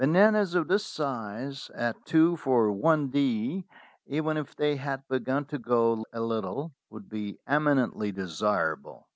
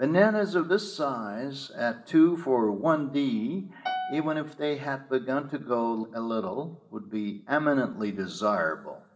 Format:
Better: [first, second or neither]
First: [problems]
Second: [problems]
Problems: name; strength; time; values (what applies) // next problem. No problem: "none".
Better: first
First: none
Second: background sound (Piano); 9 dB below the speech // room echo; dies away in 0.8 s